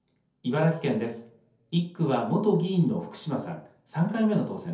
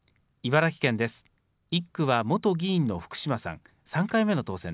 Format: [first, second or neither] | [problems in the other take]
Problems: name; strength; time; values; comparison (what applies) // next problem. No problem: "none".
second | room echo; dies away in 0.5 s